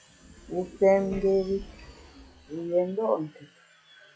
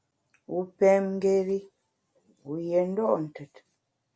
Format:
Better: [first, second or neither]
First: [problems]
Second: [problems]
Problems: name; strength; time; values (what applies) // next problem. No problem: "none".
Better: second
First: noise reduction (classical method log-MMSE)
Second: none